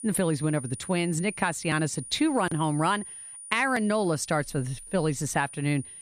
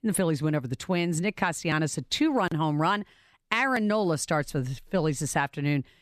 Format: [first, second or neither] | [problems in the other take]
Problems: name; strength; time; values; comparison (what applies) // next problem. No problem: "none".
second | high-pitched whine; noticeable; throughout; 9.5 kHz, 15 dB below the speech